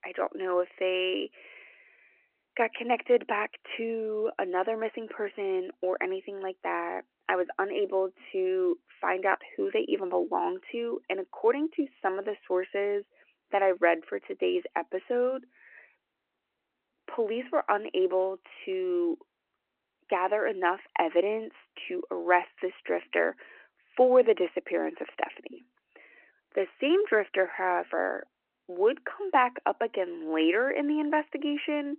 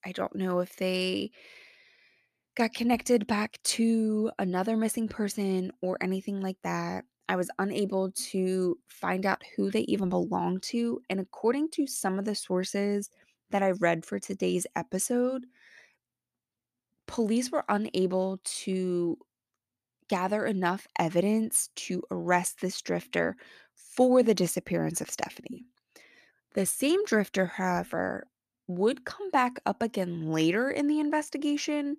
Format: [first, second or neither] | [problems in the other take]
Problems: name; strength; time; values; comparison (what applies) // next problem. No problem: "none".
second | phone-call audio